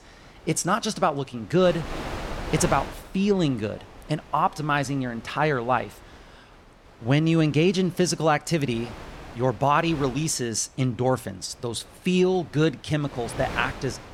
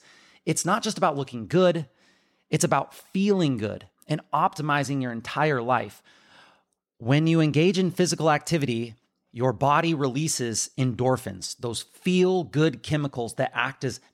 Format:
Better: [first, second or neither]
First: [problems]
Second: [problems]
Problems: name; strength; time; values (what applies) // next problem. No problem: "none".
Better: second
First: wind noise on the microphone; occasional gusts; 15 dB below the speech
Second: none